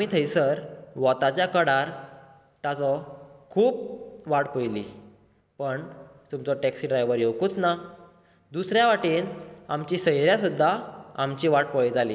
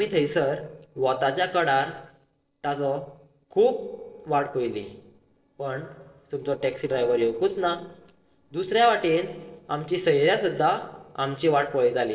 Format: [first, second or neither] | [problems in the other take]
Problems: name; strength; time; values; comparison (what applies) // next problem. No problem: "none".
first | noise reduction (neural separator model SepFormer DNS4)